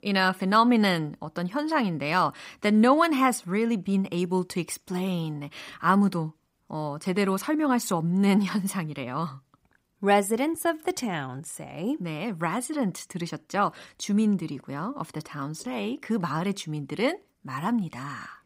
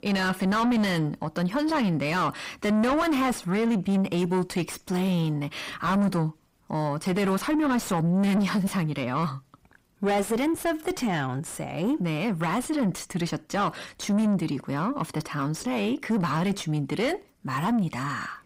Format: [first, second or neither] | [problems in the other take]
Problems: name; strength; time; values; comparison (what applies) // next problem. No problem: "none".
first | distortion; heavy; 6 dB below the speech